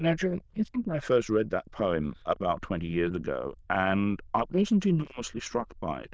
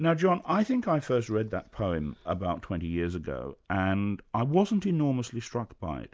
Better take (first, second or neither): second